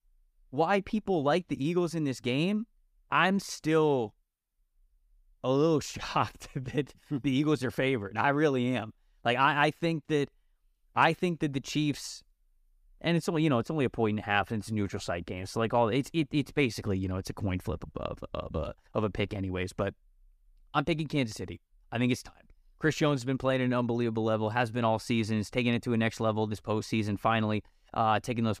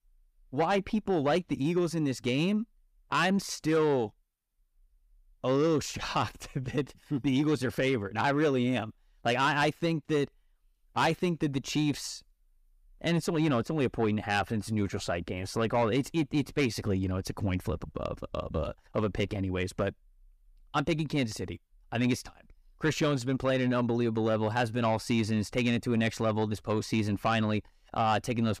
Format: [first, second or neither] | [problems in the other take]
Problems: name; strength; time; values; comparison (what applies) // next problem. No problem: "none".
first | distortion; slight; 10 dB below the speech